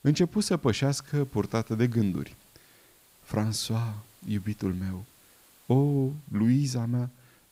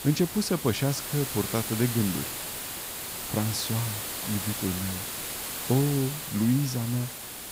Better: first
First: hiss; faint; throughout; 30 dB below the speech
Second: hiss; loud; throughout; 4 dB below the speech

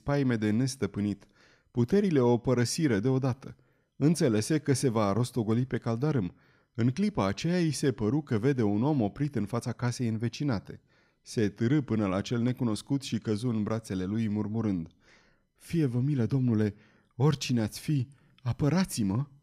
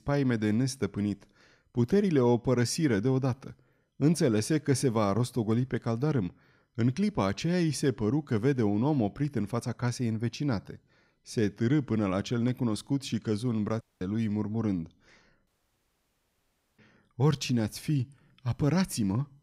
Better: first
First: none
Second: audio cutting out; at 14 s and at 15 s for 1.5 s

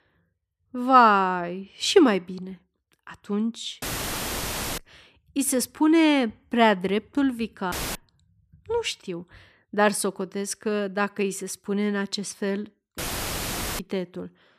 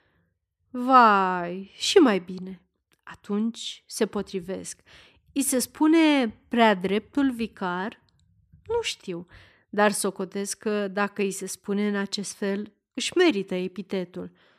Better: second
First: audio cutting out; filled with static; at 4 s for 1 s, at 7.5 s and at 13 s for 1 s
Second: none

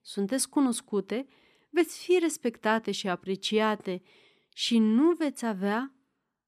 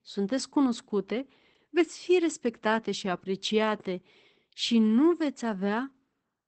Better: first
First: none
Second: garbled, watery; badly; nothing above 8 kHz

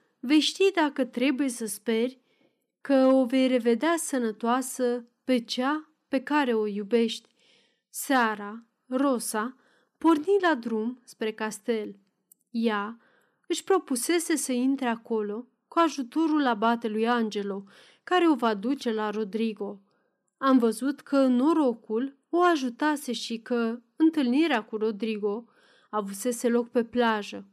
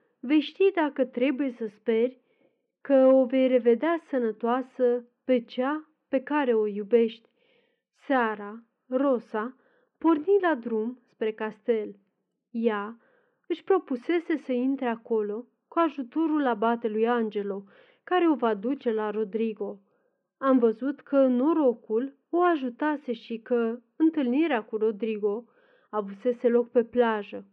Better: first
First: none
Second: muffled; very; fading above 2.5 kHz

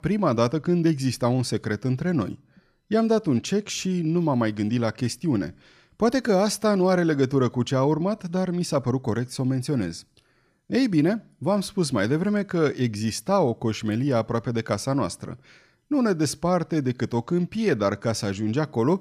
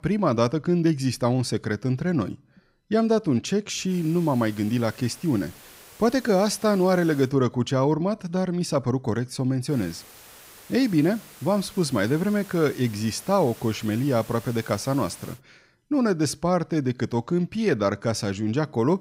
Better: first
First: none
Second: hiss; faint; from 4 to 7.5 s and from 9.5 to 15 s; 20 dB below the speech

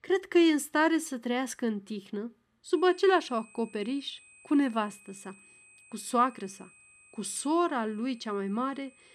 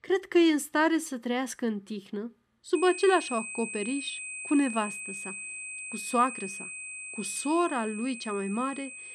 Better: first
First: high-pitched whine; faint; from 3 s on; 2.5 kHz, 25 dB below the speech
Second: high-pitched whine; loud; from 3 s on; 2.5 kHz, 9 dB below the speech

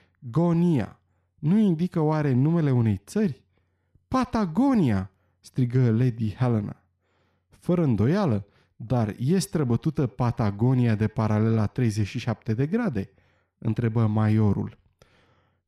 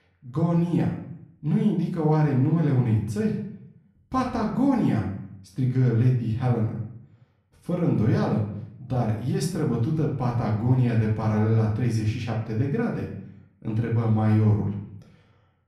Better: first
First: none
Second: room echo; noticeable; dies away in 0.6 s // off-mic speech; far

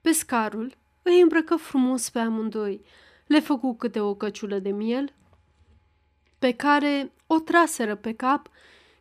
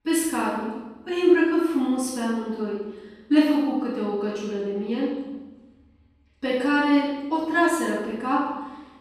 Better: first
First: none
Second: room echo; strong; dies away in 1.2 s // off-mic speech; far

